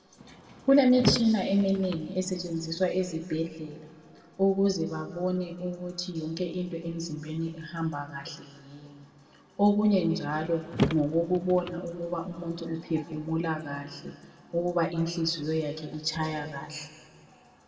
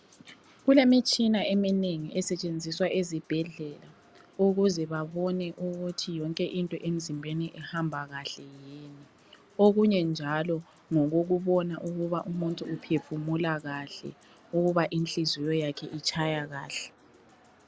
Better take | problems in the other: second | background sound (Car); 7 dB below the speech // room echo; dies away in 1.5 s

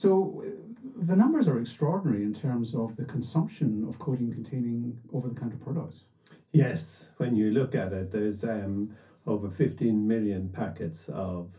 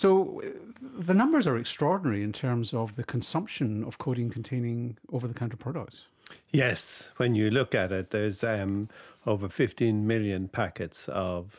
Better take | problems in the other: second | room echo; dies away in 0.3 s

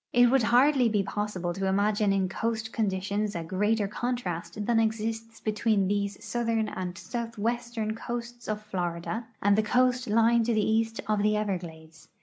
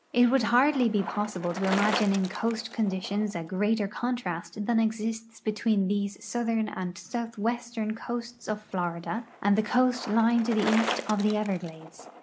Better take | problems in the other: first | background sound (Bicycle); 12 dB below the speech

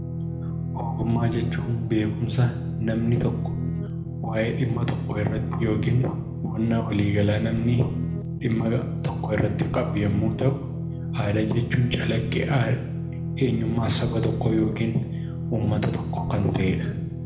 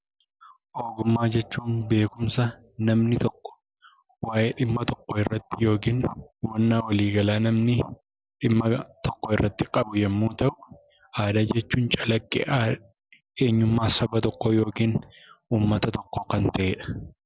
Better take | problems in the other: second | background sound (Guitar); 2 dB below the speech // room echo; dies away in 0.8 s

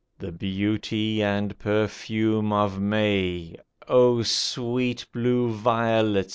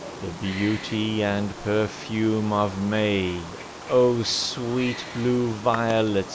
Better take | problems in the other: first | background sound (Wild animals); 13 dB below the speech

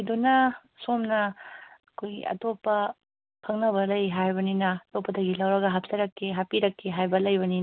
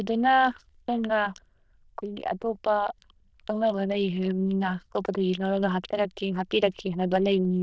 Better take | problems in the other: first | noise reduction (neural diffusion model UNIVERSE++)

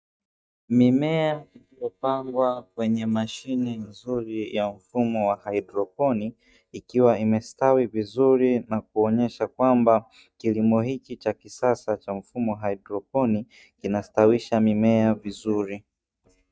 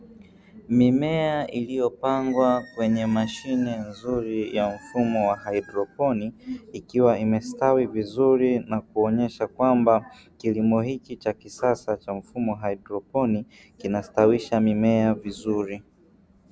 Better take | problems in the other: second | noise reduction (neural mask model DeepFilterNet 3)

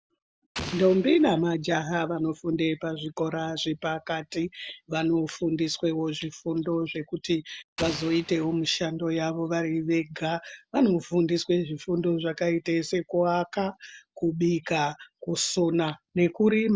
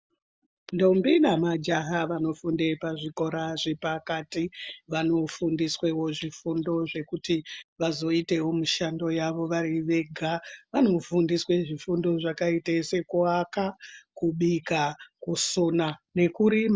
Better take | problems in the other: second | background sound (Explosion); 13 dB below the speech

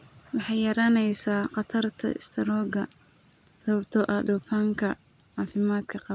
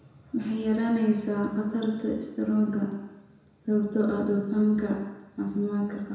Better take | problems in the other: first | room echo; dies away in 1 s

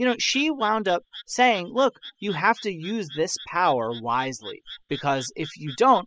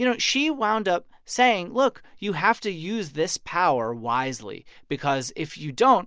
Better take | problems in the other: second | noise reduction (classical method spectral subtraction)

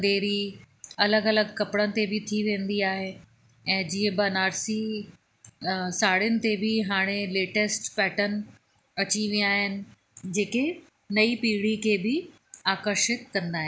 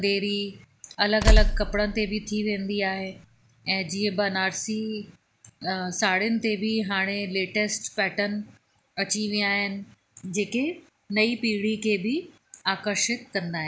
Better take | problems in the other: first | background sound (Tools); 4 dB above the speech

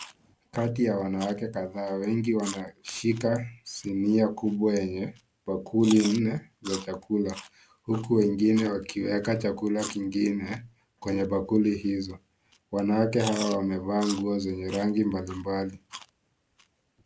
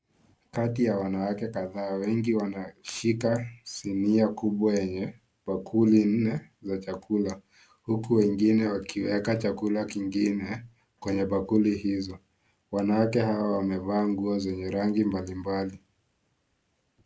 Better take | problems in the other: second | background sound (Chewing, mastication); 18 dB below the speech

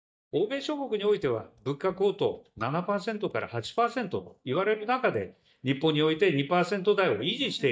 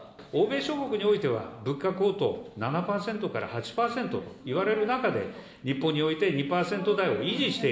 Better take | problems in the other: second | noise reduction (neural mask model DeepFilterNet 3)

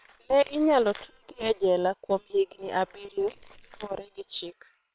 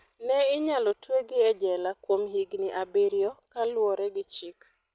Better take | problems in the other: second | noise reduction (neural separator model SepFormer WHAM!)

